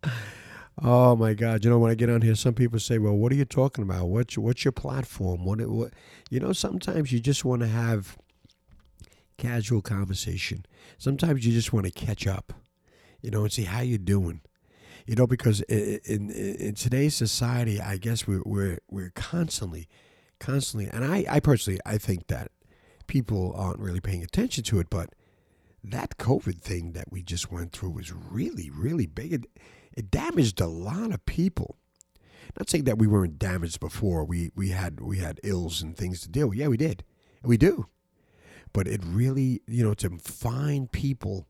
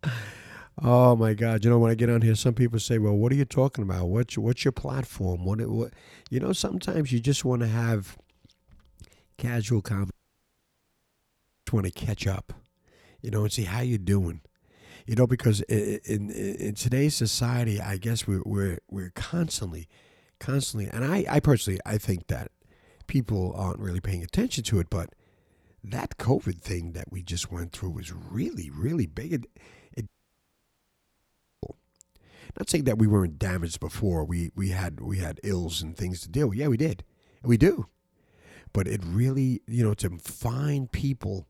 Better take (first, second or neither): first